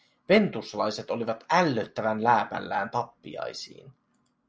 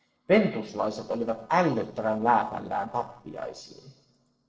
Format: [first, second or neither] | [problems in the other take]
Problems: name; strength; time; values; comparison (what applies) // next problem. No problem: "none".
first | noise reduction (neural separator model SepFormer DNS4)